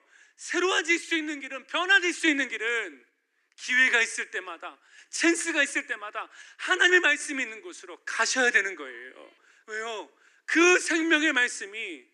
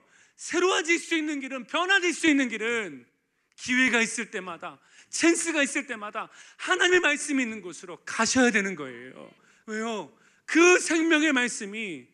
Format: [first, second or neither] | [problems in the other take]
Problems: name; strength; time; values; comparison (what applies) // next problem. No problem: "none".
second | thin; somewhat; fading below 300 Hz